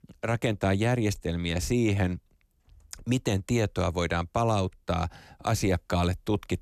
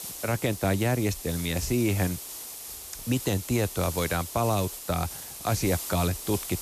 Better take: first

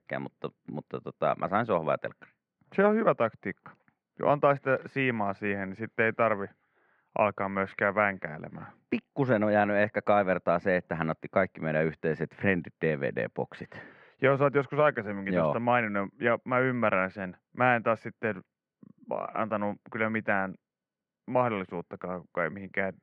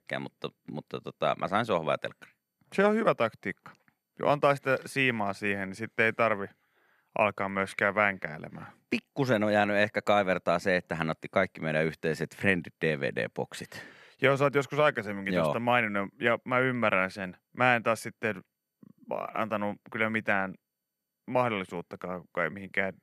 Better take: second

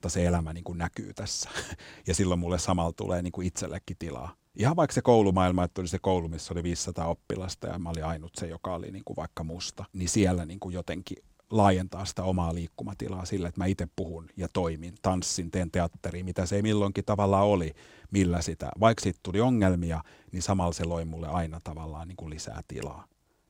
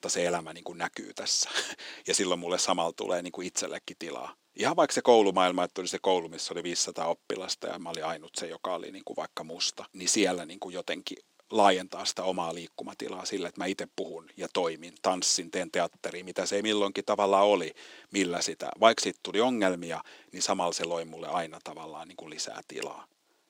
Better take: first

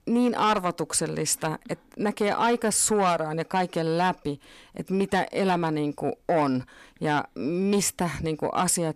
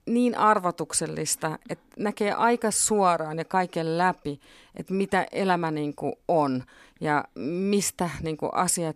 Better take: second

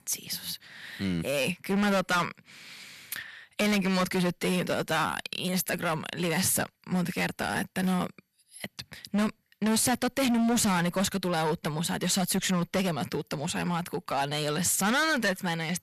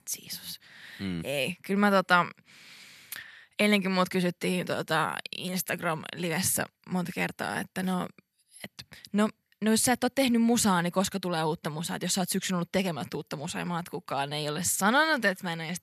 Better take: second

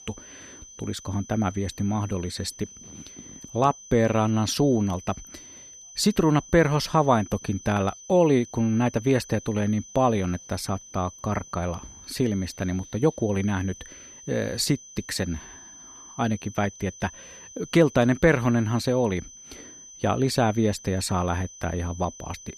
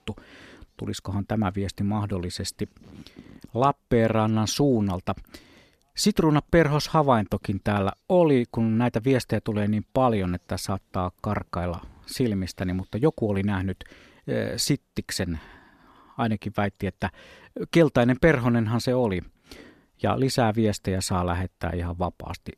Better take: second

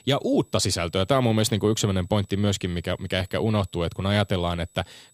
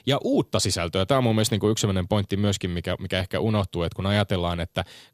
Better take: second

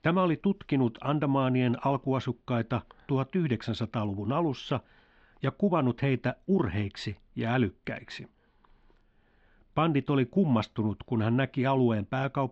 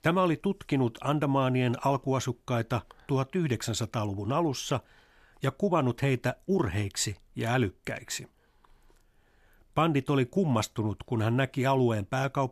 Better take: second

